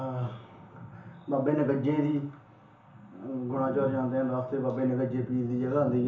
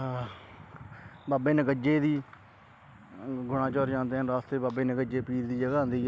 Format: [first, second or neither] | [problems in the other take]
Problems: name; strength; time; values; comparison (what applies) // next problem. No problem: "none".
second | room echo; dies away in 0.7 s